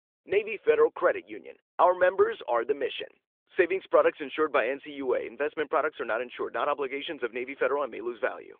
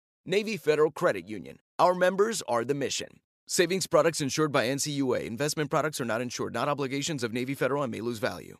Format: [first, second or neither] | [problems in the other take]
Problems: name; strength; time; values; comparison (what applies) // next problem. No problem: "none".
second | phone-call audio; nothing above 3.5 kHz